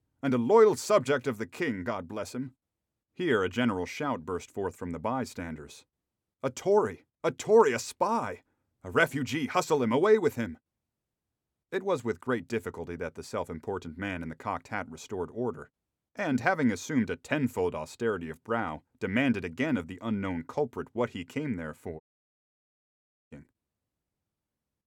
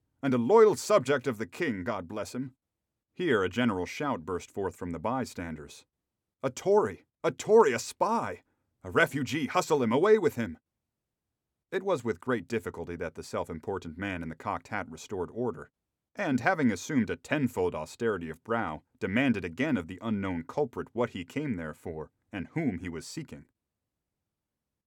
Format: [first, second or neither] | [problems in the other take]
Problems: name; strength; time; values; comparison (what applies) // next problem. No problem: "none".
second | audio cutting out; at 22 s for 1.5 s